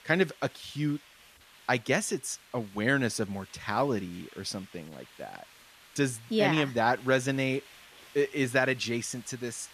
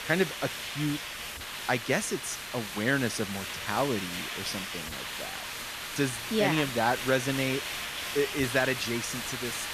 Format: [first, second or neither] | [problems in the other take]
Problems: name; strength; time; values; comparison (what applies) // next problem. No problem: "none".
first | hiss; loud; throughout; 4 dB below the speech; faint in the first